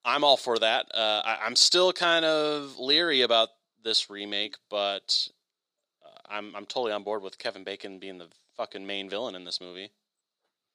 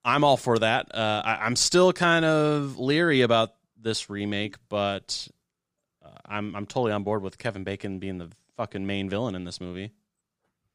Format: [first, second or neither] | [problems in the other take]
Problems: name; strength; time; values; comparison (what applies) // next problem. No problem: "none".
second | thin; somewhat; fading below 400 Hz